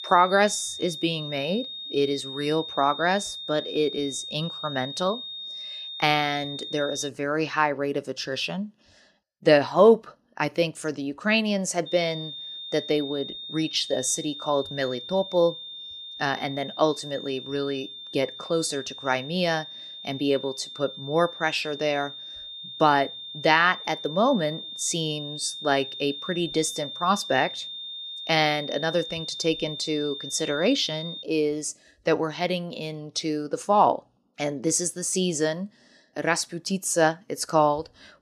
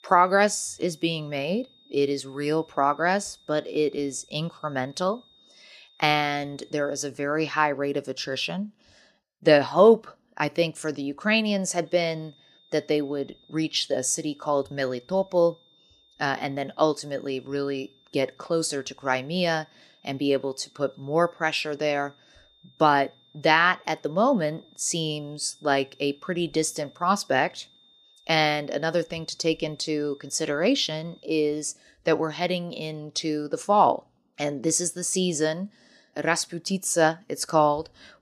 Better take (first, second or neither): second